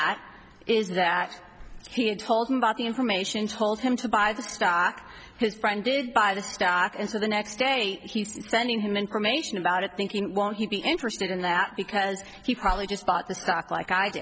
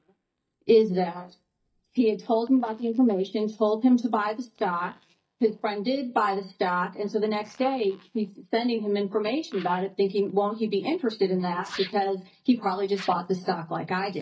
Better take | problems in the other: first | noise reduction (neural mask model DeepFilterNet 3)

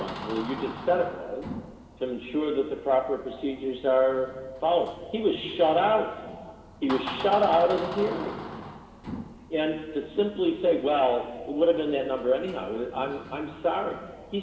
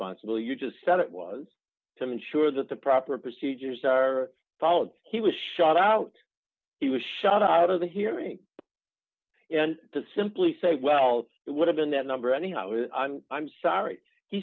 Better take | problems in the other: second | background sound (Door); 14 dB below the speech // room echo; dies away in 2.1 s

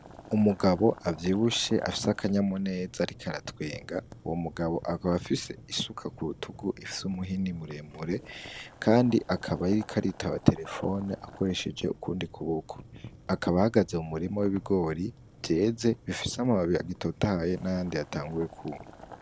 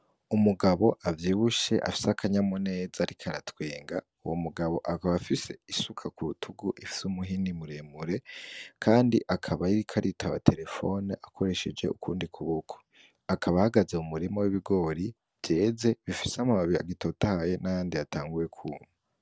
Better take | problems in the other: second | background sound (Boiling); 19 dB below the speech

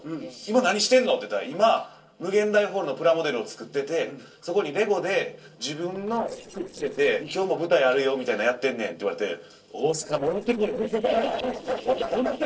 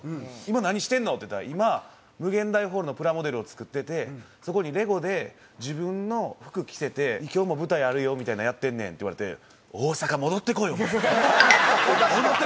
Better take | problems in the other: second | noise reduction (neural separator model SepFormer DNS4)

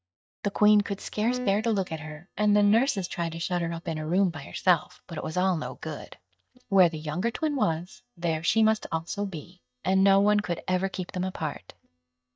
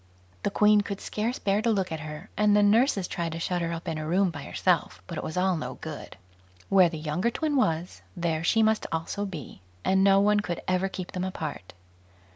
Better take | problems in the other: second | noise reduction (neural mask model DeepFilterNet 3)

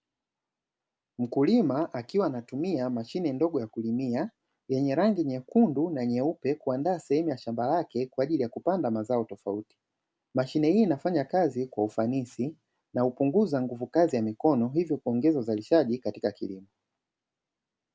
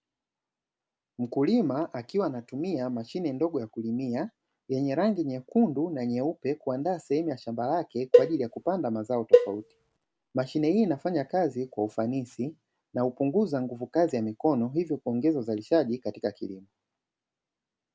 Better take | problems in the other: first | background sound (Cowbell); 4 dB above the speech

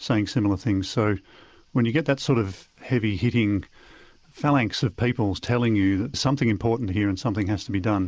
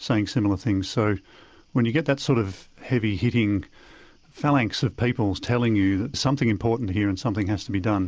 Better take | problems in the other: second | noise reduction (neural mask model Resemble Enhance denoiser)

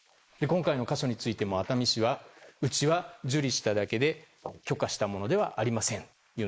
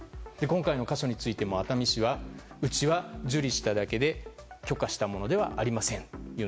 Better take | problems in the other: second | noise reduction (neural mask model Resemble Enhance denoiser)

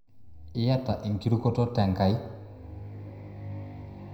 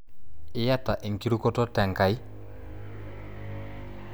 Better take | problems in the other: second | room echo; dies away in 0.7 s

